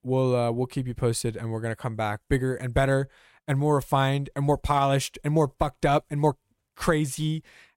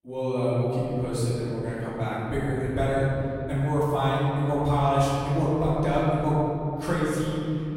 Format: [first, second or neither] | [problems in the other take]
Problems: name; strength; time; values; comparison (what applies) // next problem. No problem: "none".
first | room echo; strong; dies away in 3 s // off-mic speech; far